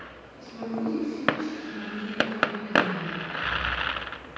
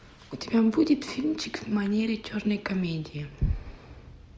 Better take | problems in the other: second | background sound (Fireworks); 4 dB above the speech // room echo; dies away in 2.2 s

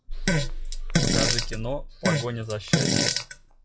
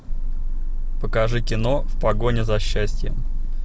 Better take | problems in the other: second | noise reduction (classical method log-MMSE)

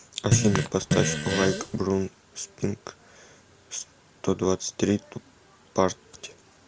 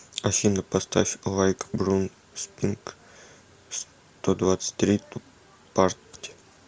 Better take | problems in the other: second | background sound (Fart); 2 dB above the speech

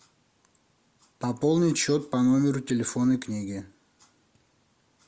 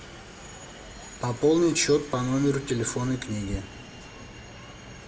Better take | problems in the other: first | background sound (Subway, metro, underground); 14 dB below the speech // room echo; dies away in 0.7 s

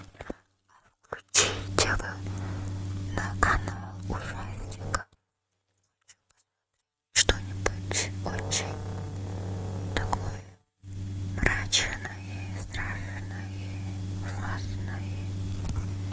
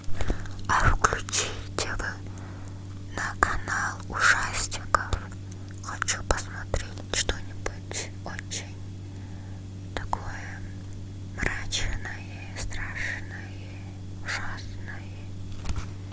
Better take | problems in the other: second | noise reduction (neural mask model RNNoise)

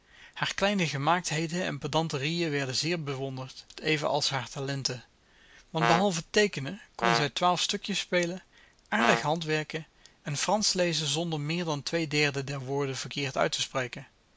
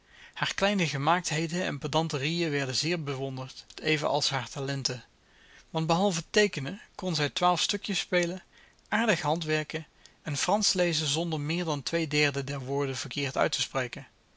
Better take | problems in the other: second | background sound (Brass instrument); 1 dB below the speech

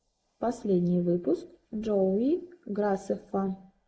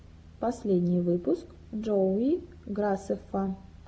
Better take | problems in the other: second | noise reduction (neural mask model Resemble Enhance denoiser)

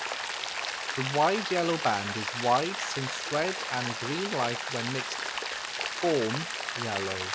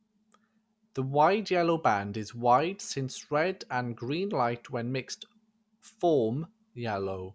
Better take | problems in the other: second | background sound (Rain); 3 dB below the speech

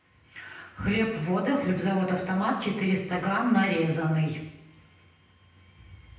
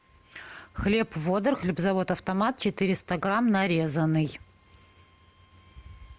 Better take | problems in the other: second | room echo; dies away in 0.9 s

